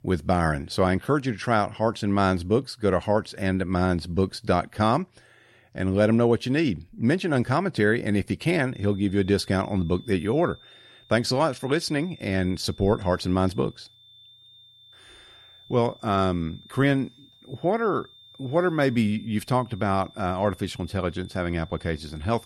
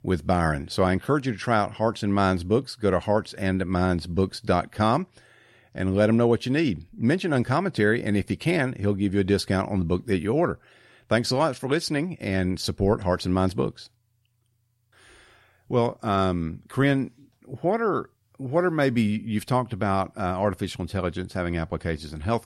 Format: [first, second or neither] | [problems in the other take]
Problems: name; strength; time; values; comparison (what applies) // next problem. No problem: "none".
second | high-pitched whine; faint; from 8.5 s on; 3.5 kHz, 25 dB below the speech